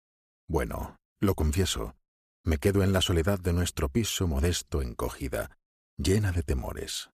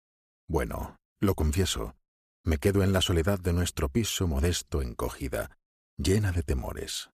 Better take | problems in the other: neither | none

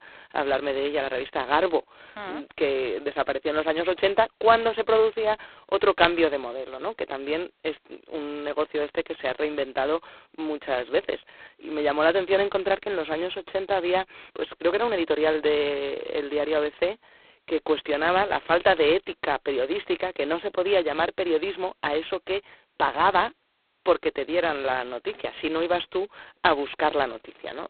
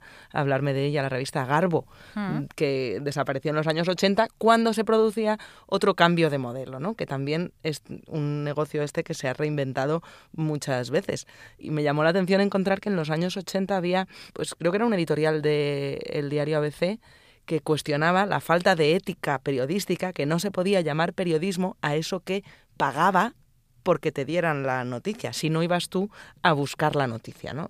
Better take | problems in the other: second | phone-call audio; poor line; nothing above 4 kHz

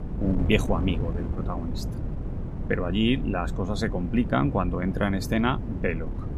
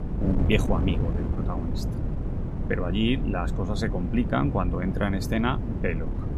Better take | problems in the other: first | wind noise on the microphone; heavy; 8 dB below the speech; occasional gusts in the first

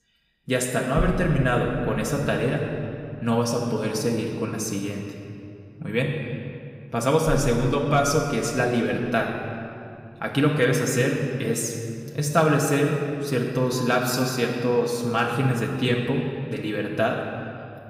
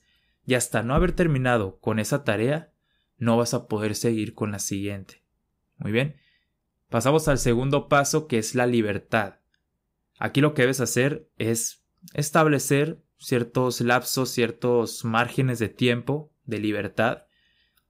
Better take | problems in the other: second | room echo; noticeable; dies away in 2.1 s // off-mic speech; somewhat distant

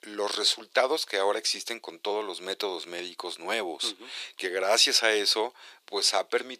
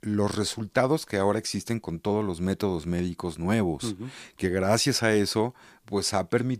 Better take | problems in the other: second | thin; very; fading below 400 Hz

